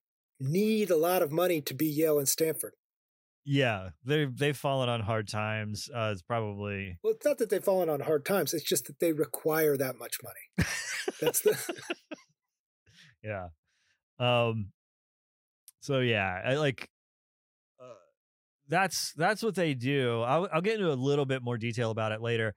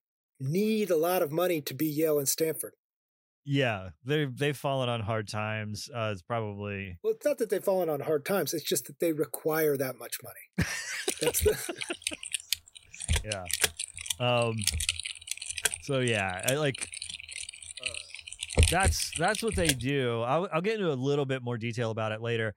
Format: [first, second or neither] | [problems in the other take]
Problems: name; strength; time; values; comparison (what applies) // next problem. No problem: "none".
first | keyboard typing; loud; from 11 to 20 s; peak 5 dB above the speech